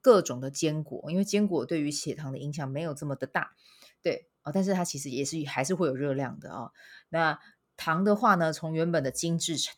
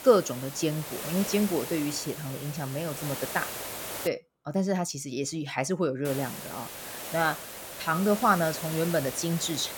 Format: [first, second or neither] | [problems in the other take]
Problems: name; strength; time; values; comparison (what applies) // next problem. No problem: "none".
first | hiss; loud; until 4 s and from 6 s on; 7 dB below the speech